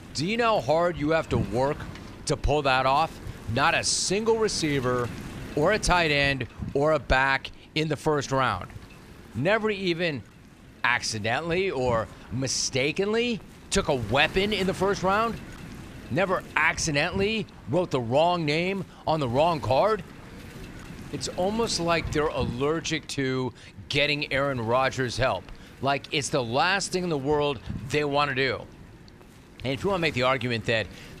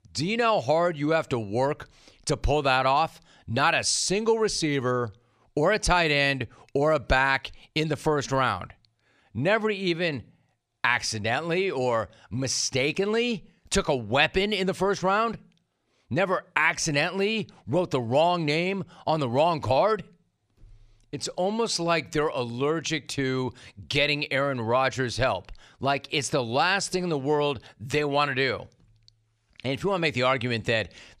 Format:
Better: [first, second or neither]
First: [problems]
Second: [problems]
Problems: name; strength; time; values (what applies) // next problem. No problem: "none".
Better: second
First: wind noise on the microphone; occasional gusts; 20 dB below the speech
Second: none